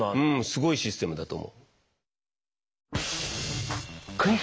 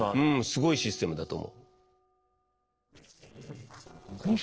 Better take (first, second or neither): first